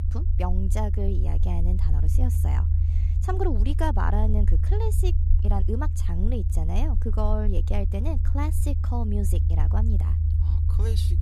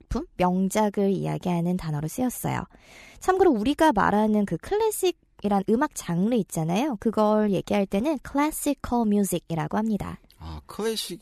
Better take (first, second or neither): second